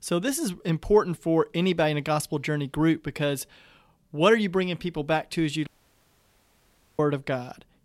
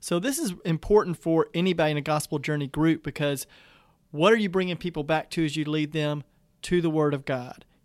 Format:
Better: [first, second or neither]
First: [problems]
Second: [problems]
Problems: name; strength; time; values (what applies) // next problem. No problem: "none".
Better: second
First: audio cutting out; at 5.5 s for 1.5 s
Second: none